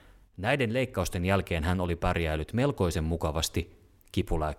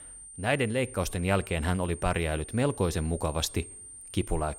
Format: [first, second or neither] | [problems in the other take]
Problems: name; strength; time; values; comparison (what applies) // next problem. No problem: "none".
first | high-pitched whine; noticeable; throughout; 9 kHz, 15 dB below the speech